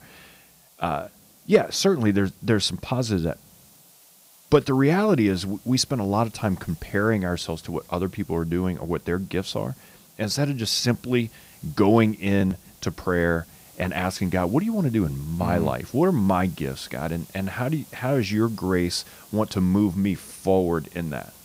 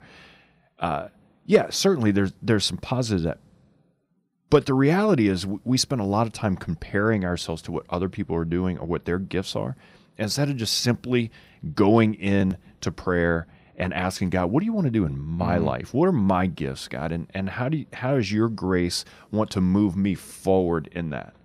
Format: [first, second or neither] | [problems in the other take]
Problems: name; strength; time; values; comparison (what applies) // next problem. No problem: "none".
second | hiss; faint; throughout; 25 dB below the speech